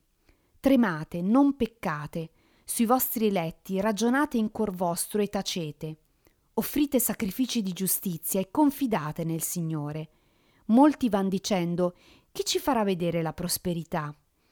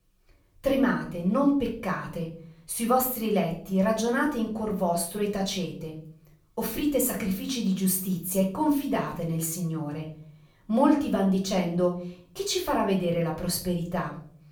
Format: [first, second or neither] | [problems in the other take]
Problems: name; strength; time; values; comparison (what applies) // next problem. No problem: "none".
first | off-mic speech; far // room echo; slight; dies away in 0.4 s